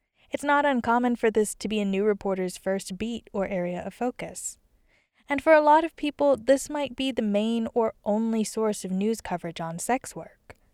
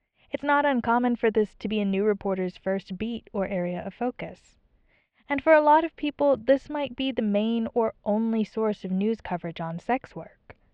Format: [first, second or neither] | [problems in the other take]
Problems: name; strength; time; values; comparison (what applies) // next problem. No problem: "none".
first | muffled; very; fading above 3.5 kHz